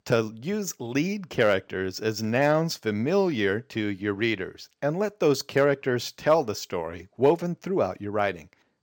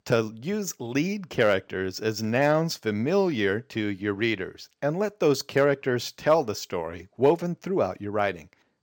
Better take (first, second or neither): neither